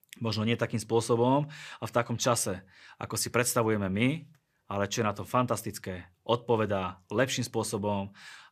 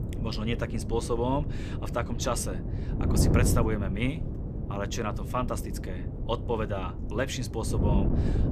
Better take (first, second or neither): first